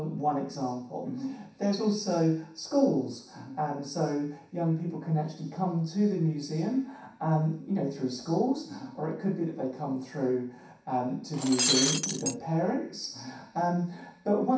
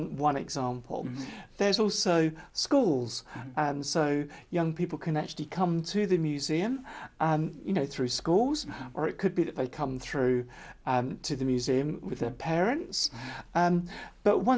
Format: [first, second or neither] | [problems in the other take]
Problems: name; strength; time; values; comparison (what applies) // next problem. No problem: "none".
second | background sound (Shatter); 1 dB above the speech // room echo; dies away in 0.7 s